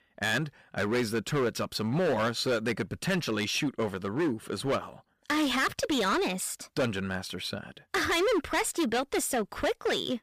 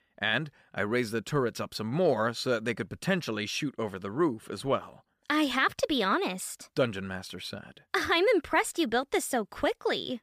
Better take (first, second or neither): second